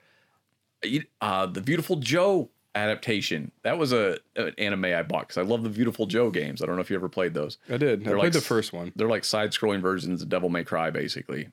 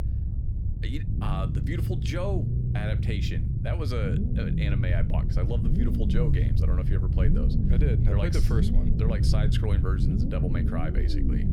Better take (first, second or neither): first